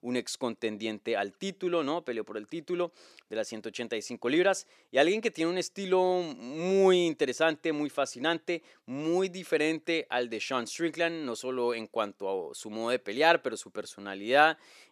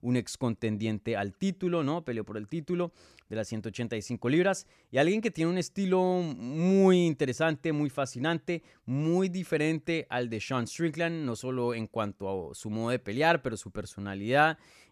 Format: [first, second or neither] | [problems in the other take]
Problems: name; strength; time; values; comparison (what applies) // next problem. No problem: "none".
second | thin; somewhat; fading below 400 Hz